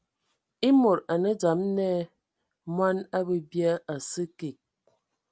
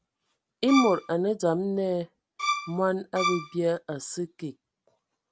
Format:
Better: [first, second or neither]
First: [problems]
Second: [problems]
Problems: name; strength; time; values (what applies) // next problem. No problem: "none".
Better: first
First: none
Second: background sound (Bowed string instrument); 3 dB below the speech